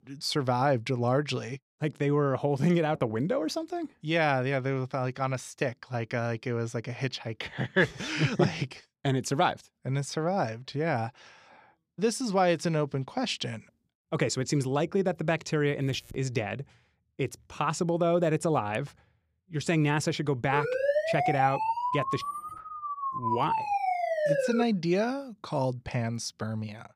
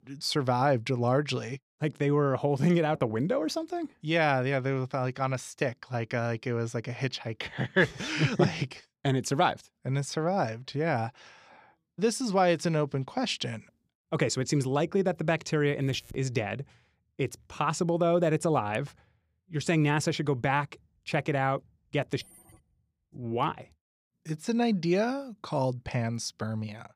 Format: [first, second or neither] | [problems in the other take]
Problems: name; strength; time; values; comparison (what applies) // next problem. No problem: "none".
second | siren; loud; from 21 to 25 s; peak 2 dB above the speech